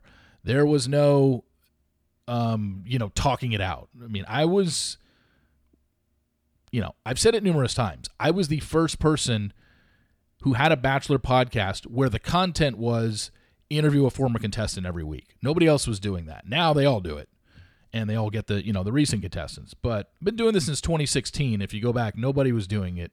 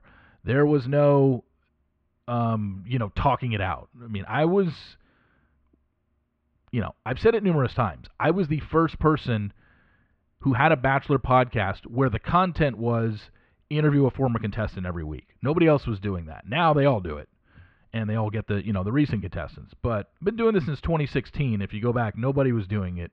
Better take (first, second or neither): first